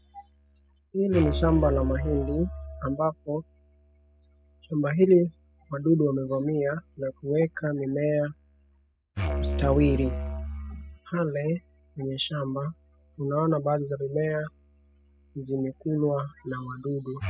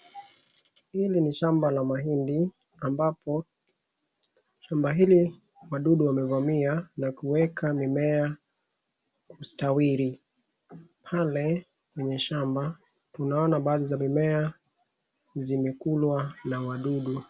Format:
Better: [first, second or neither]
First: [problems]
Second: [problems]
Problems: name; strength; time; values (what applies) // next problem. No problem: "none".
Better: second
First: noise reduction (classical method spectral subtraction)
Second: none